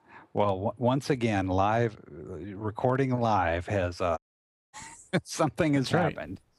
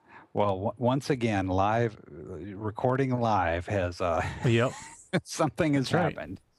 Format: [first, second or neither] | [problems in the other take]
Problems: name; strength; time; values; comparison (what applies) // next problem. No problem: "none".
second | audio cutting out; at 4 s for 0.5 s